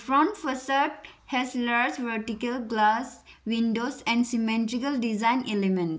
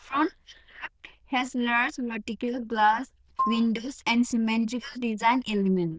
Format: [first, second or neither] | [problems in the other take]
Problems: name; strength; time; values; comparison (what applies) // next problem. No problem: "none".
first | noise reduction (neural diffusion model UNIVERSE++)